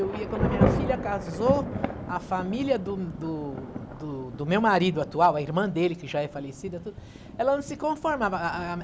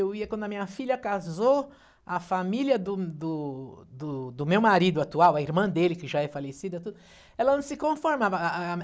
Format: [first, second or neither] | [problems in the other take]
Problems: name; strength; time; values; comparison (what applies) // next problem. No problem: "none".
second | background sound (Thunder / Rain); 5 dB below the speech